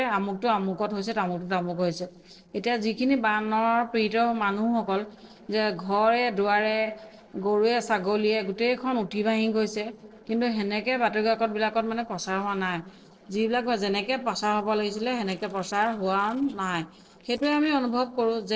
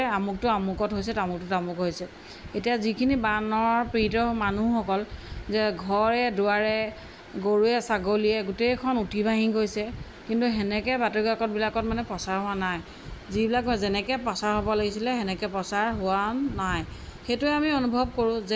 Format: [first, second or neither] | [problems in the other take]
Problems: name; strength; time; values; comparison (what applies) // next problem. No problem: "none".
second | noise reduction (neural separator model SepFormer DNS4)